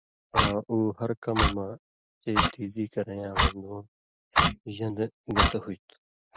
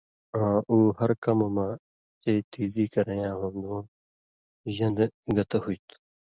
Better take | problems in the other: second | background sound (Clock); 2 dB above the speech

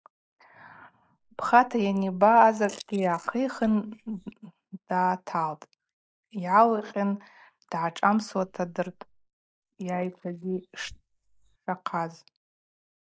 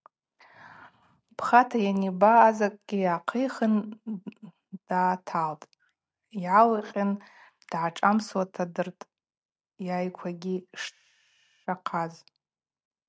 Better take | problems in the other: second | noise reduction (neural mask model Resemble Enhance denoiser)

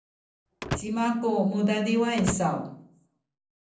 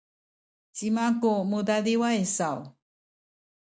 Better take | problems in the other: second | background sound (Slam / Wood); 11 dB below the speech // room echo; dies away in 0.6 s

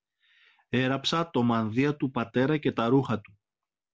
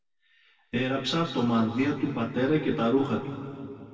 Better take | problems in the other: first | room echo; dies away in 2.2 s

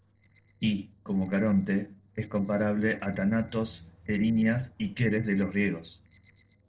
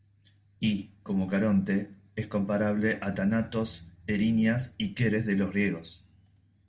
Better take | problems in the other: second | noise reduction (neural separator model SepFormer DNS4)

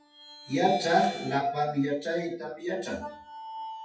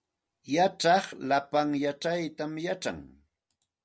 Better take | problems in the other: second | noise reduction (classical method WPE with log-MMSE)

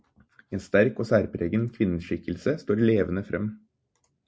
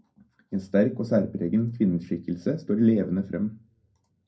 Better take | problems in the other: first | room echo; dies away in 0.2 s

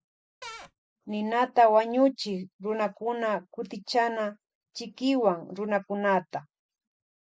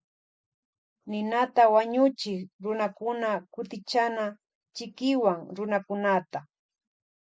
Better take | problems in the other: second | background sound (Cupboard open or close / Door); 15 dB below the speech

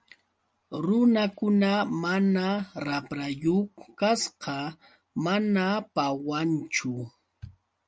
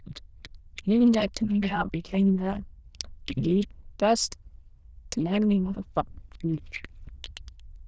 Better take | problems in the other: first | noise reduction (neural diffusion model UNIVERSE++)

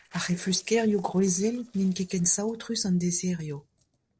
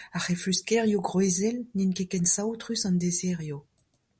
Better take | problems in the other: second | noise reduction (neural separator model SepFormer DNS4)

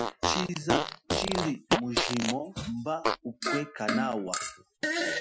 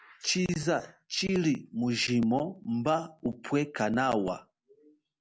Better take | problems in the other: second | noise reduction (classical method Wiener filter)

